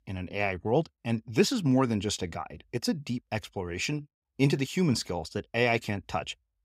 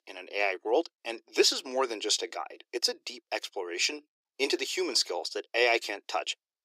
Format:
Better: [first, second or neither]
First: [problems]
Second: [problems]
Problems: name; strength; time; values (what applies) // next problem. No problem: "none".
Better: first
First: none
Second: thin; very; fading below 350 Hz